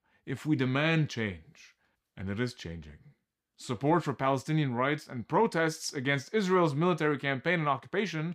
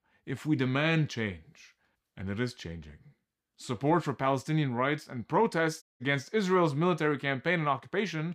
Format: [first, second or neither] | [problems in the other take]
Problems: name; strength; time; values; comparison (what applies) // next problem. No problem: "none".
first | audio cutting out; at 6 s